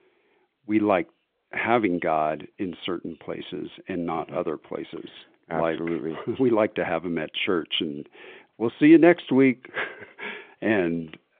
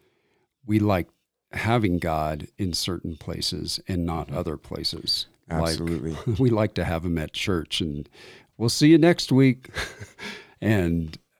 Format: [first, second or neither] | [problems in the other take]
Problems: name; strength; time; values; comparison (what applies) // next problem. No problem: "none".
second | phone-call audio; nothing above 3.5 kHz